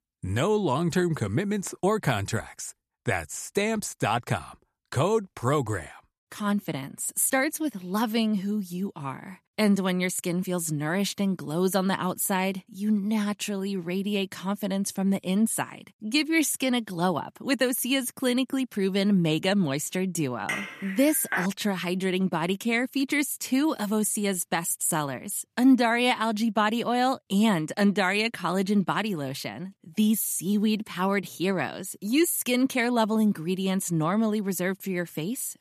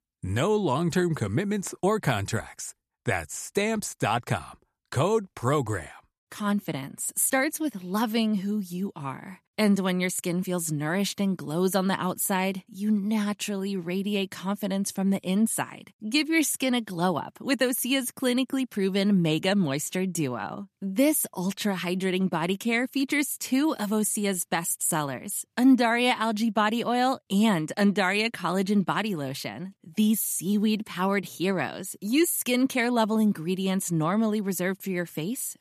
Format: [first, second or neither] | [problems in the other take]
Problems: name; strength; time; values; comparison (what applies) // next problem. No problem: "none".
second | clattering dishes; noticeable; at 20 s; peak 4 dB below the speech